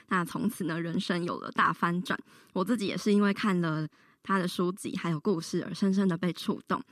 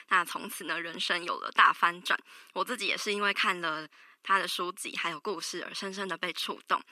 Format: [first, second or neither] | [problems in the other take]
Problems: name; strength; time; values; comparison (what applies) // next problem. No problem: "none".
first | thin; very; fading below 650 Hz